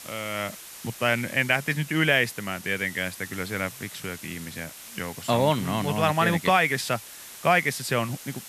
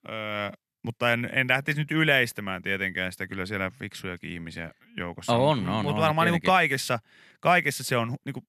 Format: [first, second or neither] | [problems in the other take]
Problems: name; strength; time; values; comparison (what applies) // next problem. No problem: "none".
second | hiss; noticeable; throughout; 15 dB below the speech